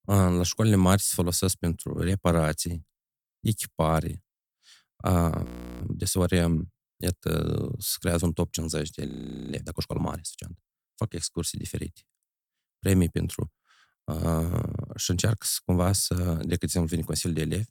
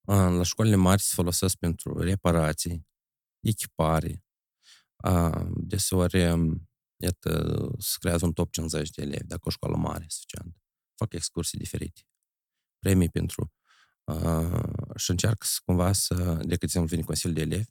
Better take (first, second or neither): second